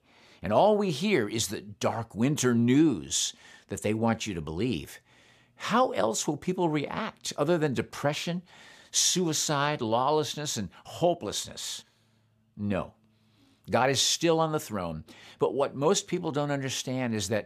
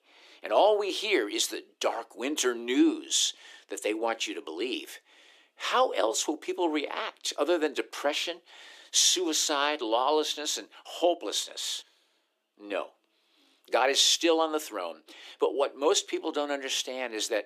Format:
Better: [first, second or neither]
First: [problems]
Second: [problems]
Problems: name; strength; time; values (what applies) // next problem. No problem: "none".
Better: first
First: none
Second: thin; somewhat; fading below 300 Hz